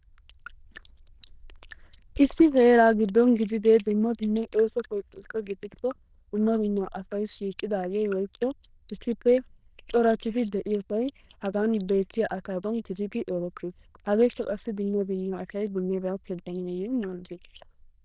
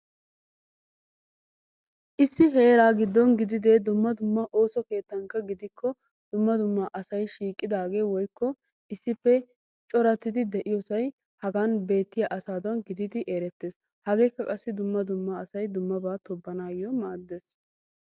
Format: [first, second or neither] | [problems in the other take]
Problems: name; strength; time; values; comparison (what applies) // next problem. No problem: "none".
second | noise reduction (neural diffusion model UNIVERSE++)